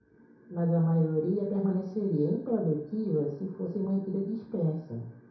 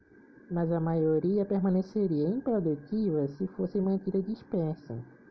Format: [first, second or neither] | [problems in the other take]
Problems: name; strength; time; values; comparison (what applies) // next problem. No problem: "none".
second | room echo; dies away in 0.6 s